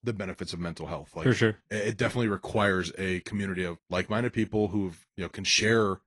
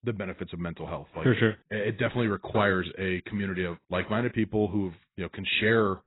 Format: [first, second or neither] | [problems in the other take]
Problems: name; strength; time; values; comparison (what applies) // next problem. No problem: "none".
first | garbled, watery; badly; nothing above 4 kHz; slightly in the first